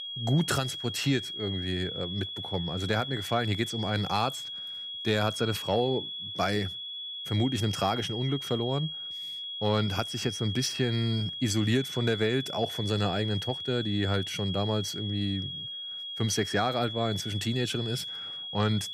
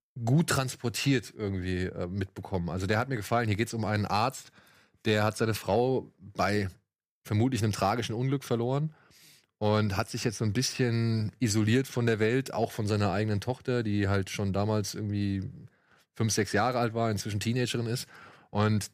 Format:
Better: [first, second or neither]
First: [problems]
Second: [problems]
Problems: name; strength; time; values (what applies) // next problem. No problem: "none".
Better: second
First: high-pitched whine; loud; throughout; 3.5 kHz, 5 dB below the speech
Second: none